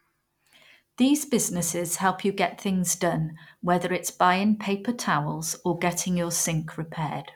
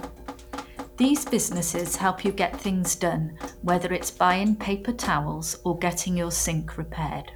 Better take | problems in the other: first | background sound (Drip); 13 dB below the speech

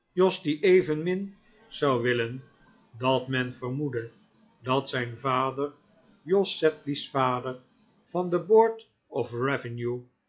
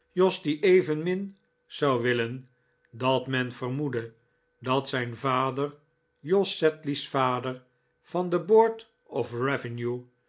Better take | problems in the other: second | noise reduction (classical method log-MMSE)

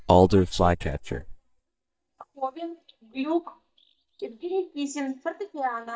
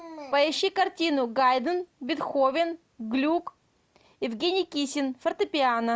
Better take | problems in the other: second | noise reduction (neural mask model DeepFilterNet 3)

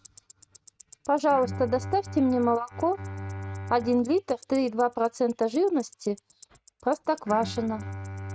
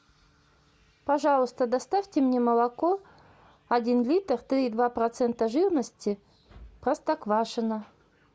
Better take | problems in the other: second | noise reduction (neural mask model RNNoise)

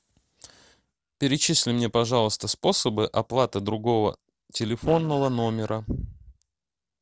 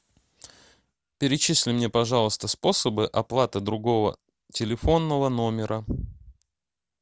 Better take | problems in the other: second | noise reduction (neural separator model SepFormer DNS4)

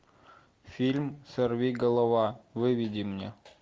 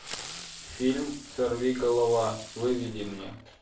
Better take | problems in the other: first | background sound (Fireworks); 15 dB below the speech // room echo; dies away in 0.4 s

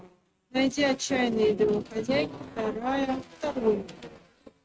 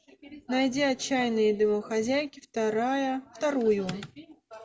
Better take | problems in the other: second | noise reduction (neural mask model RNNoise)

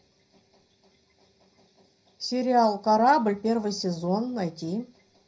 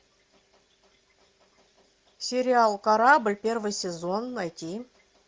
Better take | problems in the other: second | room echo; dies away in 0.4 s

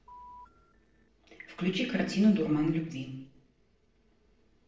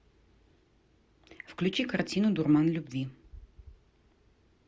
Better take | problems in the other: second | noise reduction (neural separator model SepFormer DNS4)

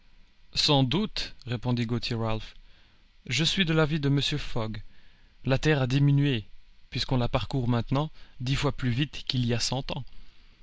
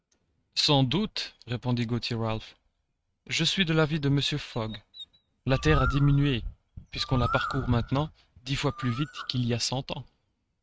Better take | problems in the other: first | noise reduction (neural mask model RNNoise)

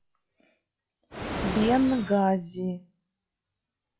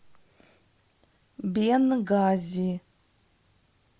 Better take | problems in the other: second | noise reduction (classical method log-MMSE)

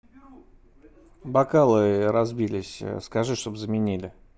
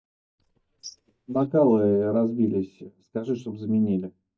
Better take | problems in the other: first | noise reduction (neural mask model DeepFilterNet 3)

